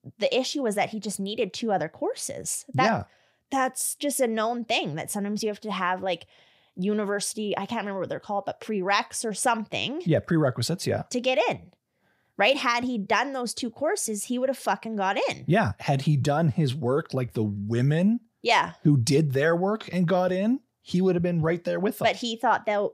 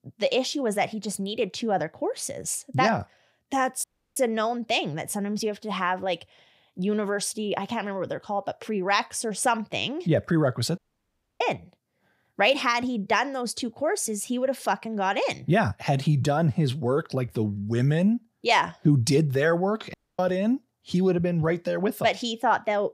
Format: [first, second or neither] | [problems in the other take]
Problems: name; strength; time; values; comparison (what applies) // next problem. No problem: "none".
first | audio cutting out; at 4 s, at 11 s for 0.5 s and at 20 s